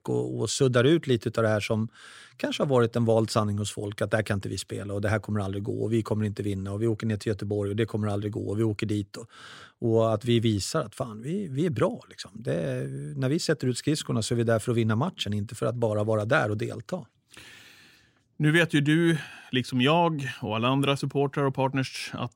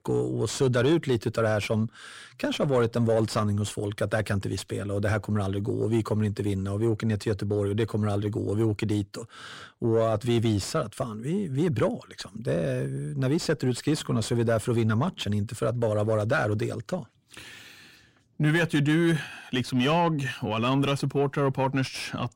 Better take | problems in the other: first | distortion; slight; 10 dB below the speech

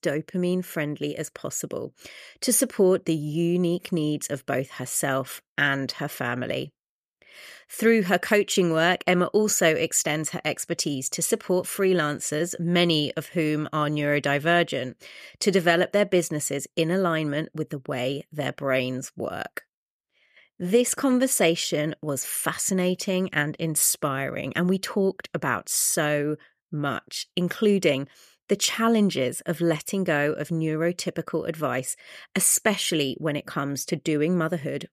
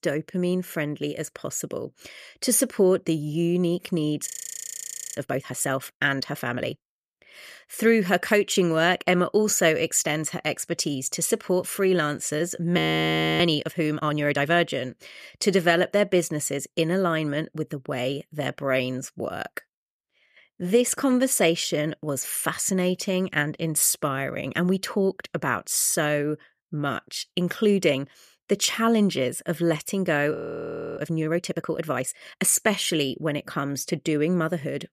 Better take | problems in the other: first | audio freezing; at 4.5 s for 1 s, at 13 s for 0.5 s and at 30 s for 0.5 s

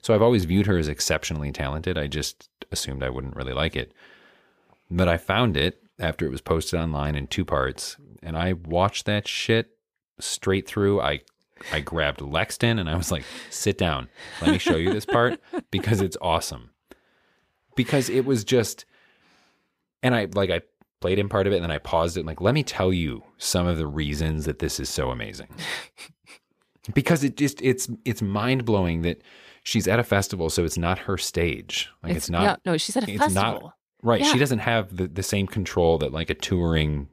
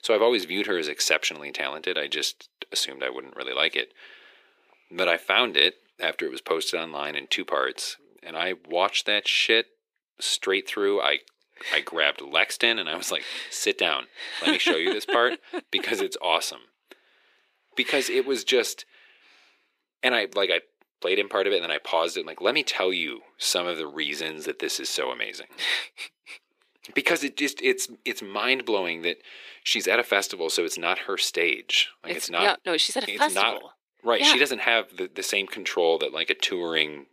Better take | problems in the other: first | thin; somewhat; fading below 350 Hz

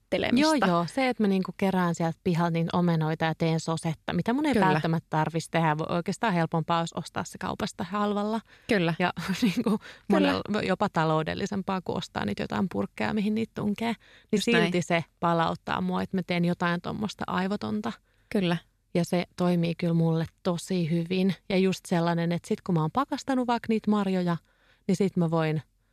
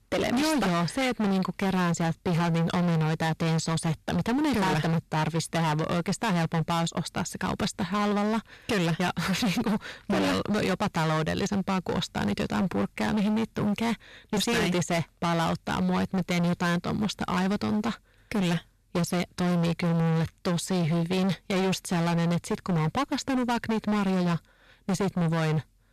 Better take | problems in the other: first | distortion; heavy; 31% of the sound clipped

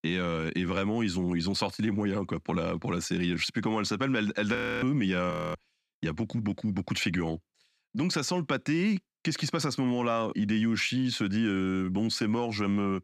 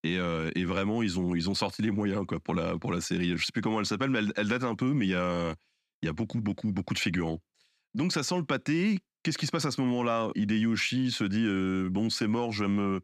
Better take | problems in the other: second | audio freezing; at 4.5 s and at 5.5 s

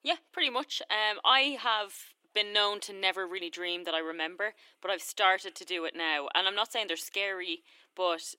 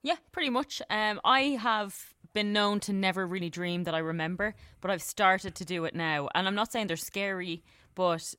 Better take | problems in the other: second | thin; somewhat; fading below 300 Hz

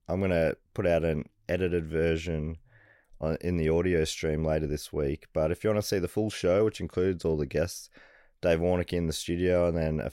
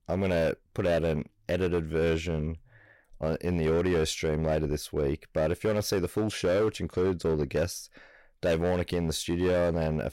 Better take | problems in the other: first | distortion; slight; 10% of the sound clipped

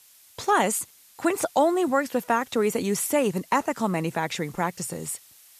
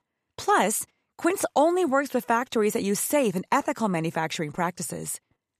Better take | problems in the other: second | hiss; faint; throughout; 25 dB below the speech

